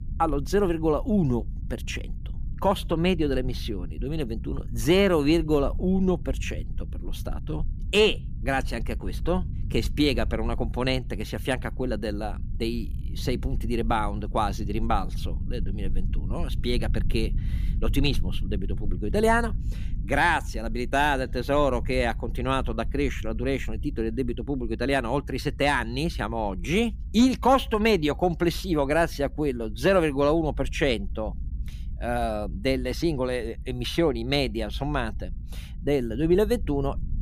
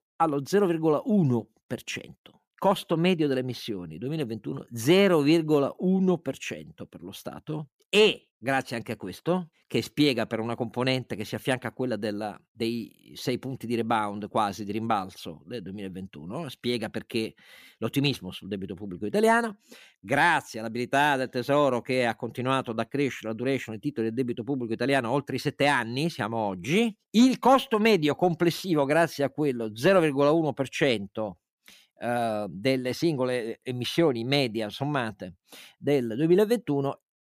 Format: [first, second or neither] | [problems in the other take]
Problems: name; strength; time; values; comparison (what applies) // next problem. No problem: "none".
second | low rumble; faint; throughout; 25 dB below the speech